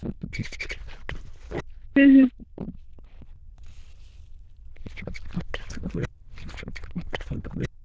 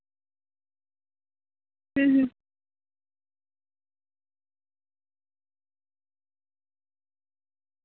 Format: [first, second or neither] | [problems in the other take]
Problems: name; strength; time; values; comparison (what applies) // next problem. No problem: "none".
second | noise reduction (neural diffusion model UNIVERSE++)